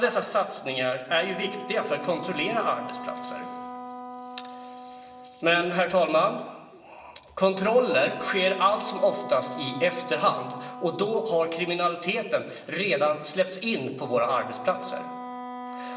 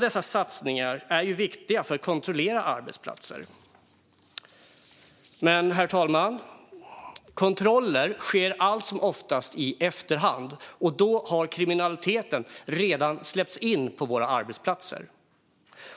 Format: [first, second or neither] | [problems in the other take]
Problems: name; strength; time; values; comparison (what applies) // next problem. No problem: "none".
second | background sound (Wind instrument, woodwind instrument); 13 dB below the speech // room echo; dies away in 1.1 s